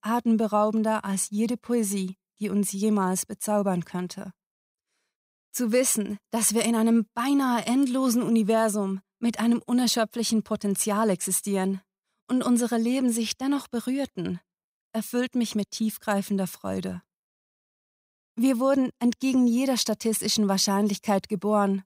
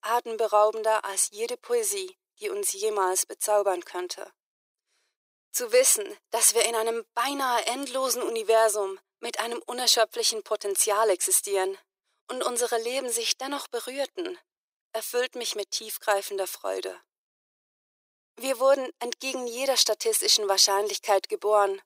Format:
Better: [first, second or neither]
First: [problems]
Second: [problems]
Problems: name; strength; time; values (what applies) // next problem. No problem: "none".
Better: first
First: none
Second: thin; very; fading below 350 Hz